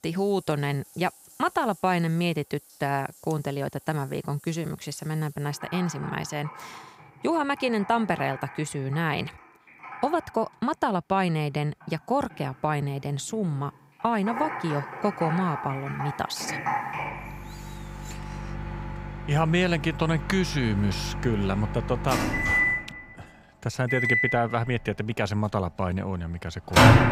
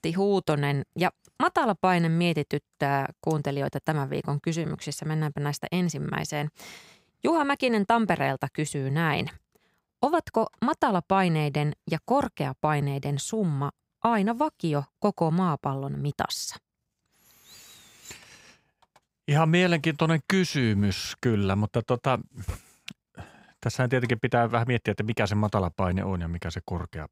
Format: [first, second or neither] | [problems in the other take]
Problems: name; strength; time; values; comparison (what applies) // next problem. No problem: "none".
second | household noises; loud; throughout; as loud as the speech